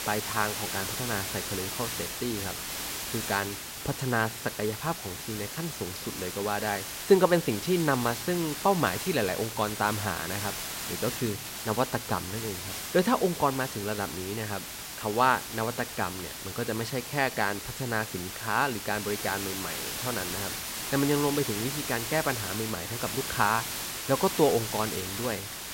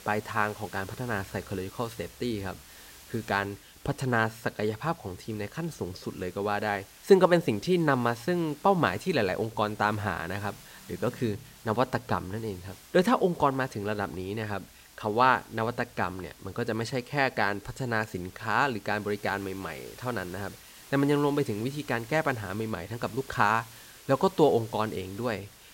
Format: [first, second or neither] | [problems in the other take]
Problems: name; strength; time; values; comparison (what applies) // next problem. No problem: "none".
second | hiss; loud; throughout; 4 dB below the speech; faint in the second